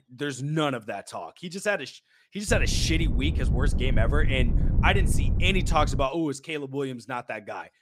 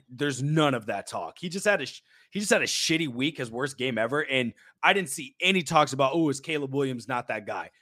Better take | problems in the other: second | wind noise on the microphone; occasional gusts; from 2.5 to 6 s; 10 dB below the speech

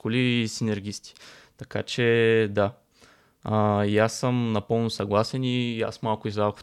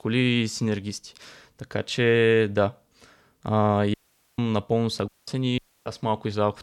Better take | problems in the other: first | audio cutting out; at 4 s, at 5 s and at 5.5 s

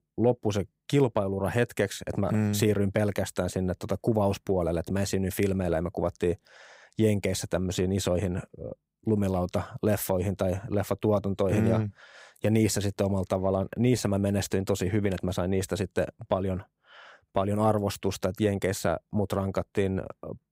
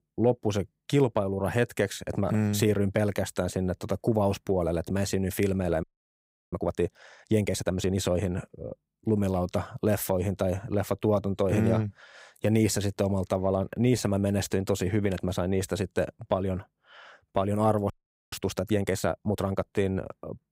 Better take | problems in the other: first | audio freezing; at 6 s for 0.5 s and at 18 s

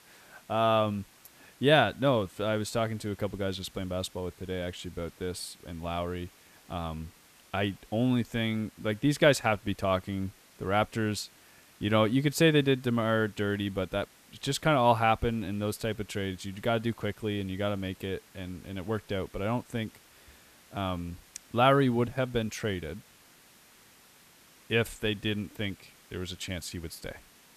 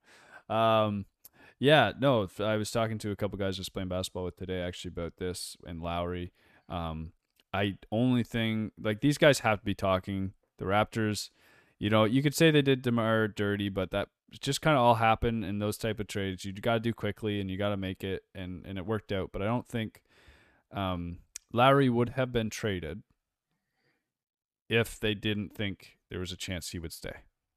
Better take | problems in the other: second | hiss; faint; throughout; 25 dB below the speech

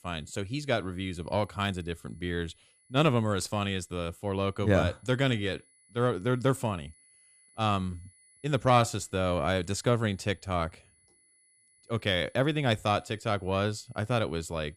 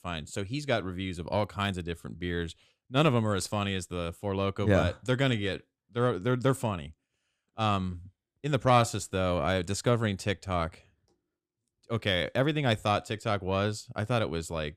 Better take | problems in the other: second | high-pitched whine; faint; throughout; 10 kHz, 30 dB below the speech

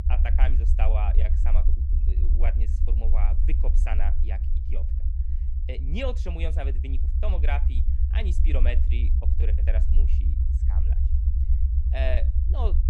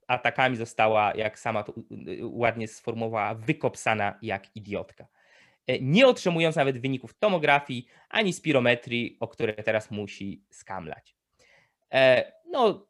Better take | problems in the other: second | low rumble; loud; throughout; 8 dB below the speech

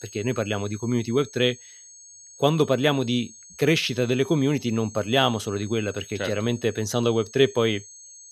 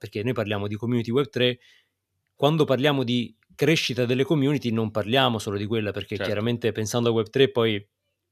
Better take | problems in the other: second | high-pitched whine; noticeable; throughout; 6.5 kHz, 20 dB below the speech

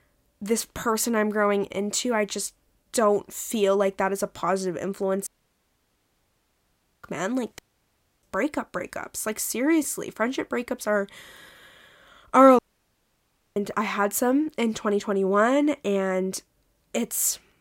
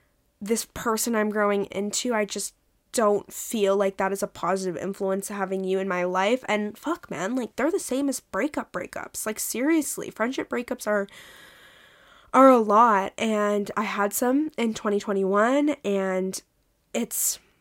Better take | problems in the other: second | audio cutting out; at 5.5 s for 2 s, at 7.5 s for 0.5 s and at 13 s for 1 s

